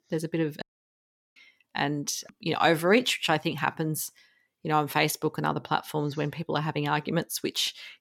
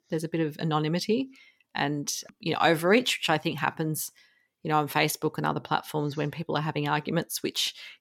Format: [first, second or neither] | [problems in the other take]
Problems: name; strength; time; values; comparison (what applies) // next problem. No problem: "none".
second | audio cutting out; at 0.5 s for 0.5 s